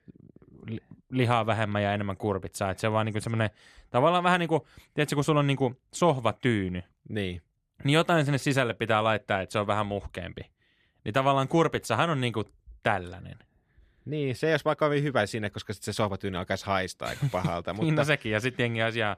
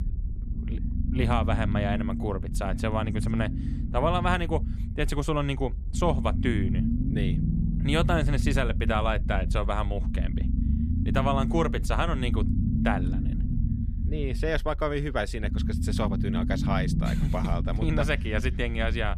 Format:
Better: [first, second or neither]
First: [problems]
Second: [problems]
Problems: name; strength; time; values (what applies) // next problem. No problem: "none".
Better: first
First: none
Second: low rumble; loud; throughout; 9 dB below the speech